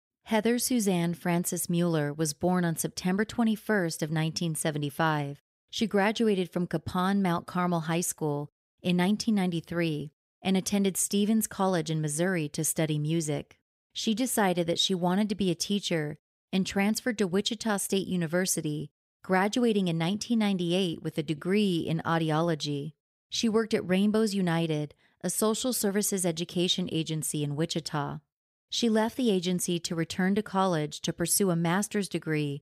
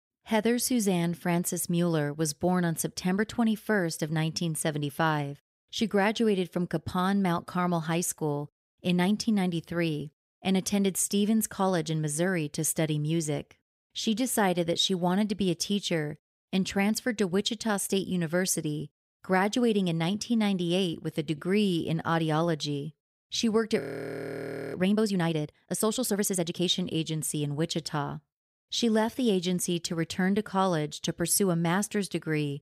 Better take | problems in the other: first | audio freezing; at 24 s for 1 s

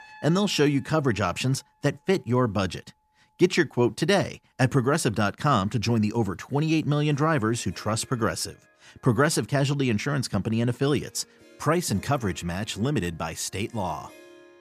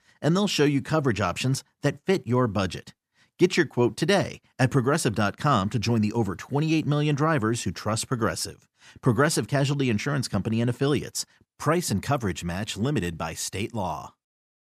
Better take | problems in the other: second | background music; faint; throughout; 30 dB below the speech

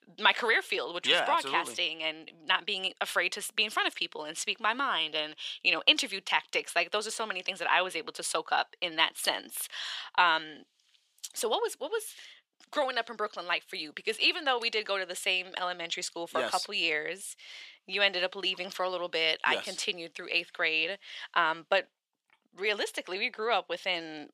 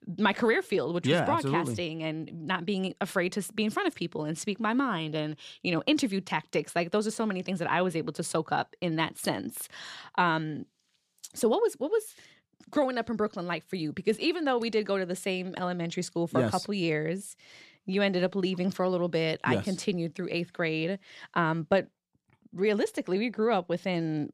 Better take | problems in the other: second | thin; very; fading below 700 Hz

